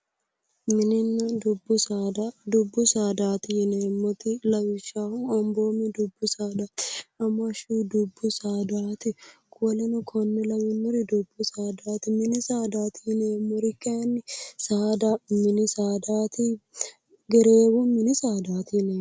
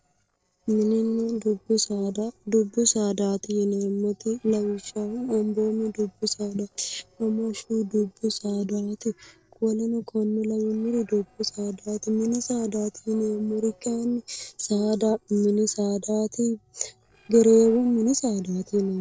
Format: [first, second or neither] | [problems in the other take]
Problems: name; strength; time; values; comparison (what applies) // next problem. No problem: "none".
first | noise reduction (neural separator model SepFormer DNS4)